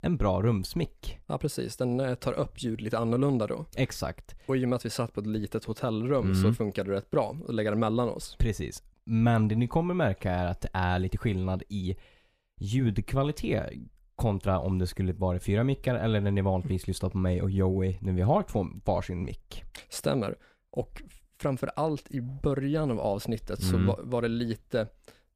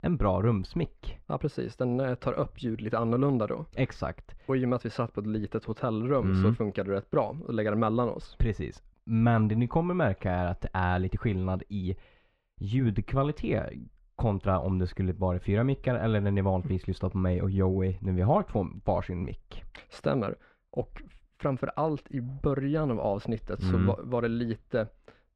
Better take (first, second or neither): first